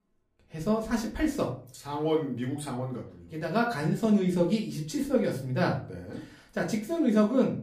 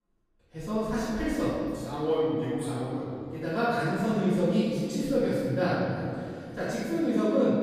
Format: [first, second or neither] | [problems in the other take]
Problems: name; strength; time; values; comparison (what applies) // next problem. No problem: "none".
first | room echo; strong; dies away in 2.2 s; slight in the first // off-mic speech; far; far in the first